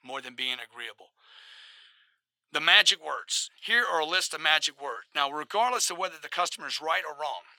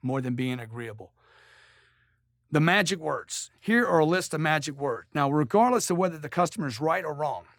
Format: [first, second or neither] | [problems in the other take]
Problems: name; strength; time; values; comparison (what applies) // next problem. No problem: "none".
second | thin; very; fading below 800 Hz